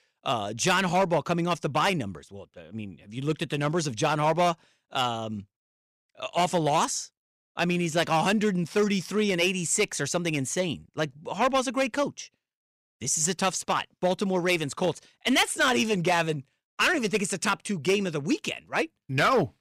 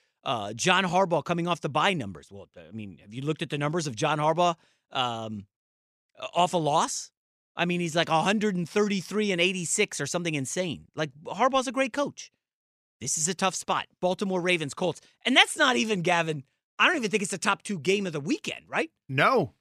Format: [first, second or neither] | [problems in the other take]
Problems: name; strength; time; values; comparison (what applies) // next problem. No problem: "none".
second | distortion; slight; 4% of the sound clipped